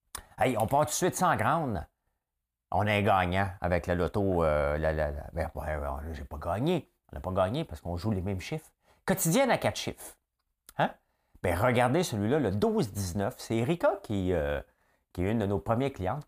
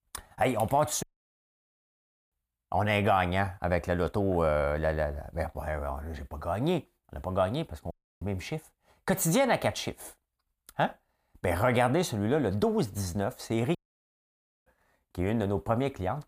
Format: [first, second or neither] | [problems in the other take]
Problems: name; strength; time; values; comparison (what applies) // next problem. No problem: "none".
first | audio cutting out; at 1 s for 1.5 s, at 8 s and at 14 s for 1 s